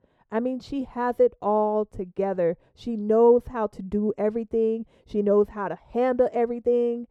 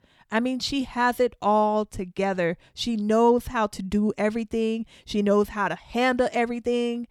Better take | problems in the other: second | muffled; very; fading above 2 kHz

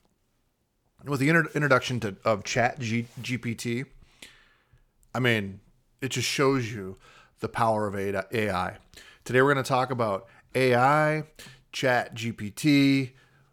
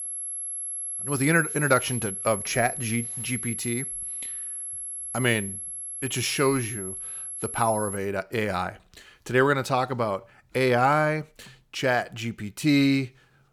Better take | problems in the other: first | high-pitched whine; loud; until 8 s; 11 kHz, 6 dB below the speech

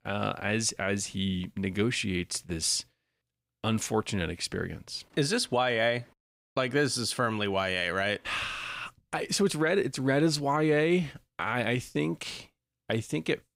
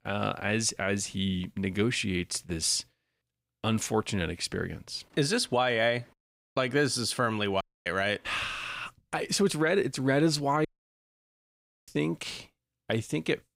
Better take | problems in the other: first | audio cutting out; at 7.5 s and at 11 s for 1 s

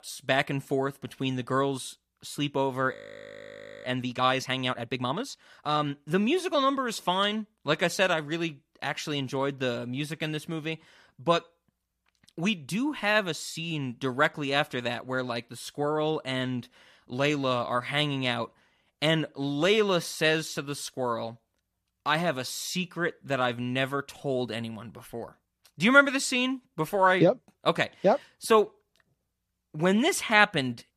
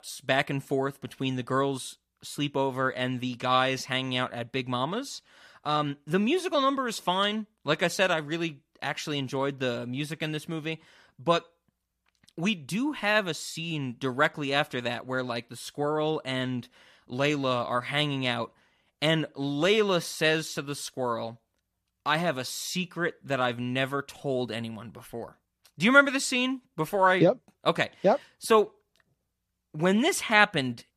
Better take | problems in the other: second | audio freezing; at 3 s for 1 s

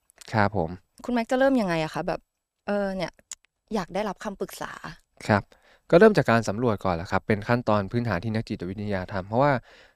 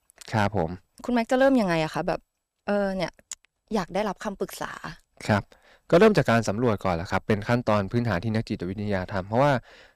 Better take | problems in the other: first | distortion; slight; 1.3% of the sound clipped

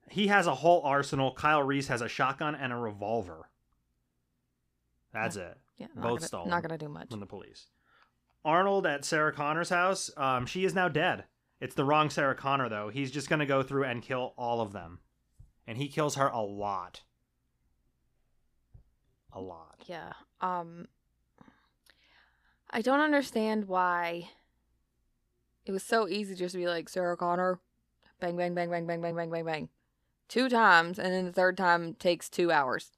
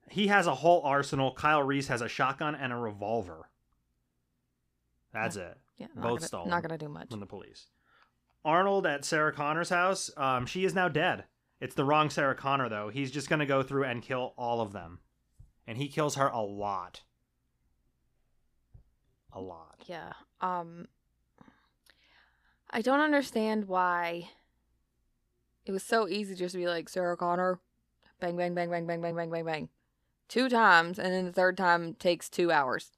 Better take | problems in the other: neither | none

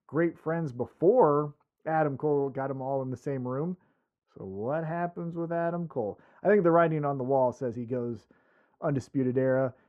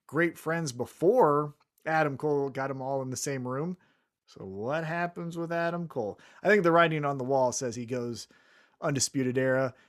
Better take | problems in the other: second | muffled; very; fading above 2.5 kHz

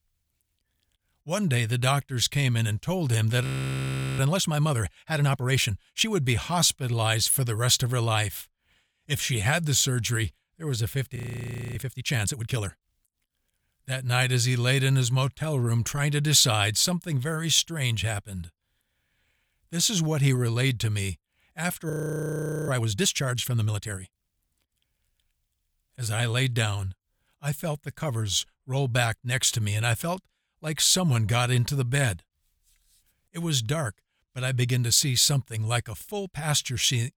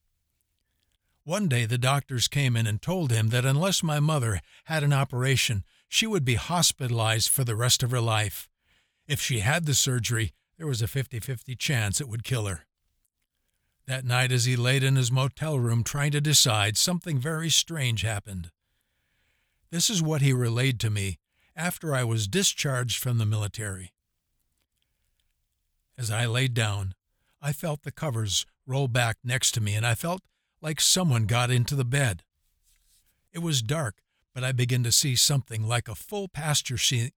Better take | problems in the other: second | audio freezing; at 3.5 s for 1 s, at 11 s for 0.5 s and at 22 s for 1 s

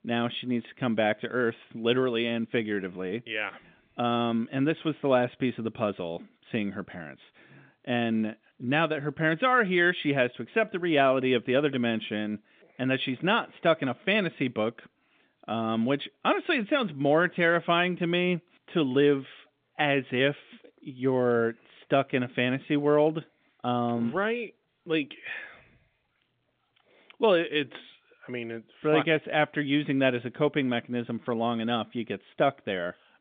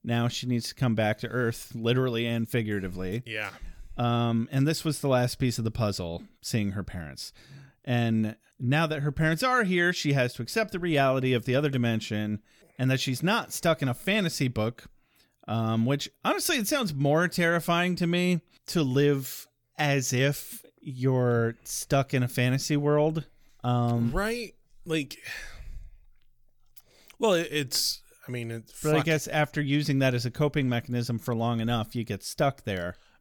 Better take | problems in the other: second | phone-call audio; nothing above 3.5 kHz

